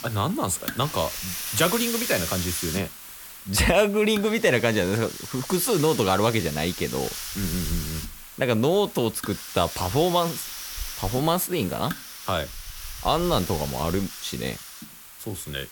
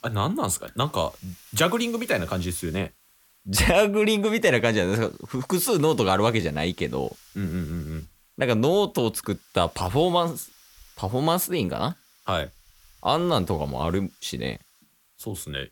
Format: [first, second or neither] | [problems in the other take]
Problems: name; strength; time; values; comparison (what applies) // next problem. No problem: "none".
second | hiss; loud; throughout; 8 dB below the speech; faint in the second